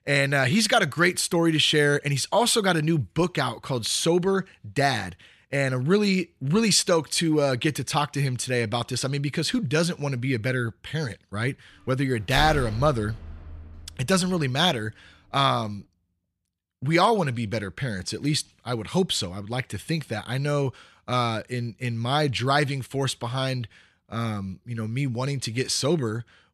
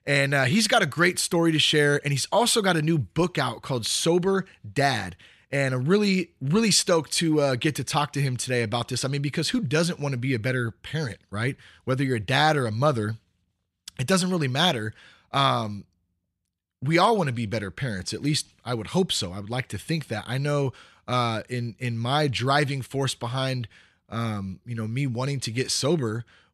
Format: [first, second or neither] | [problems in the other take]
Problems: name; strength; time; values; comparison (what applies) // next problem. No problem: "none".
second | door banging; noticeable; from 12 to 14 s; peak 7 dB below the speech